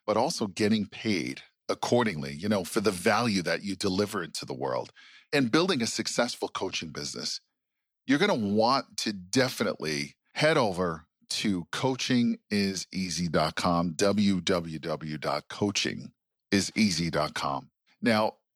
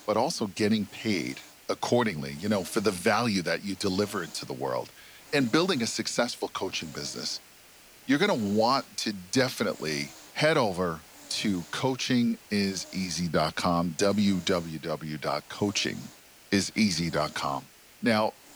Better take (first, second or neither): first